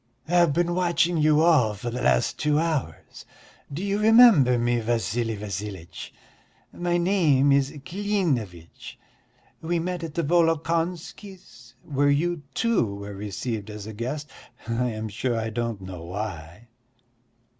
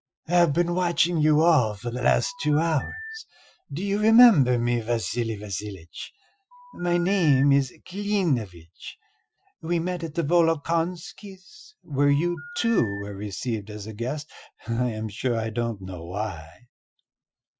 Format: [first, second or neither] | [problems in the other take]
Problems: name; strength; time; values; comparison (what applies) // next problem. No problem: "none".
first | noise reduction (classical method Wiener filter)